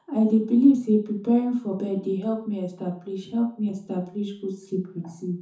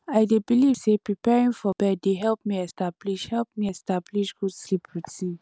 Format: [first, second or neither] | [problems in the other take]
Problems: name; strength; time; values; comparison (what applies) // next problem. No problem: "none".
second | room echo; dies away in 0.6 s